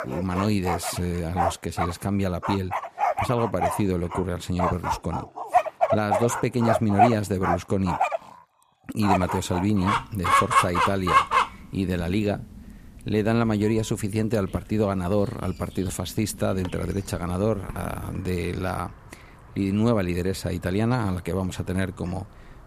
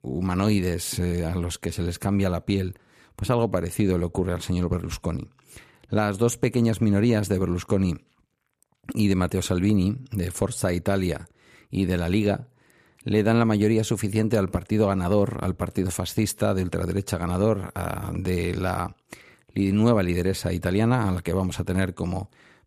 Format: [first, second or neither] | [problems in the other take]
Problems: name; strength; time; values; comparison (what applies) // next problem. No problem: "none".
second | animal sounds; very loud; throughout; as loud as the speech